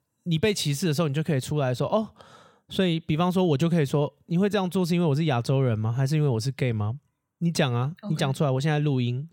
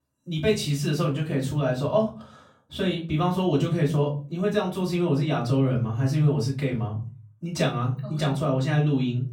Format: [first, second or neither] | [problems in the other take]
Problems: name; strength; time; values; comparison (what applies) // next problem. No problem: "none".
first | off-mic speech; far // room echo; slight; dies away in 0.3 s